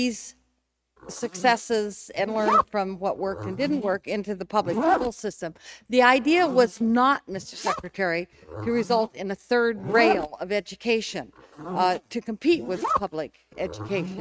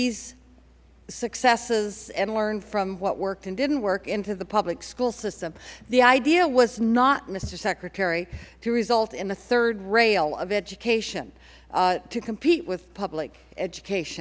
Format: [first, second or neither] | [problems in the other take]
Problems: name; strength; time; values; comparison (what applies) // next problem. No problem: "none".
second | noise reduction (neural mask model RNNoise)